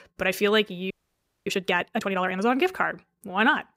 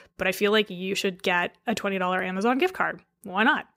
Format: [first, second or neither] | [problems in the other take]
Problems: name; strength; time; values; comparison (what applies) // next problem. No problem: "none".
second | audio freezing; at 1 s for 0.5 s